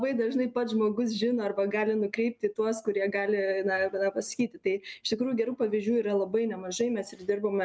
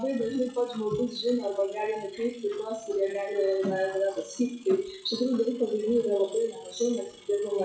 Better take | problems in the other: first | noise reduction (classical method WPE with log-MMSE)

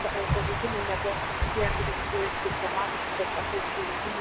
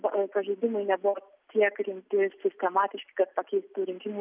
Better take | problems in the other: second | background sound (Water); 4 dB above the speech

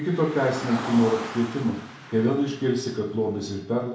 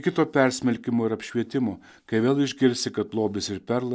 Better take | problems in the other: second | background sound (Car); 13 dB below the speech // room echo; dies away in 0.6 s

